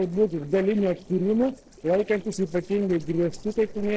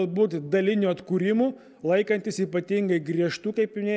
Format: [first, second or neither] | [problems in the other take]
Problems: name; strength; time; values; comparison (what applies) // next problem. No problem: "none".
second | noise reduction (neural separator model SepFormer DNS4)